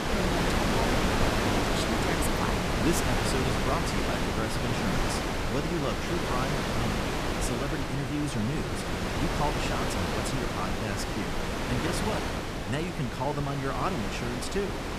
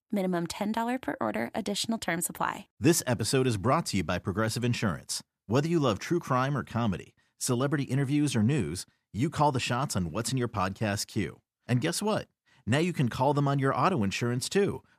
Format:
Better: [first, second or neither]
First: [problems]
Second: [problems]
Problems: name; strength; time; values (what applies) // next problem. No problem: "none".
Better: second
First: wind noise on the microphone; heavy; 5 dB above the speech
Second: none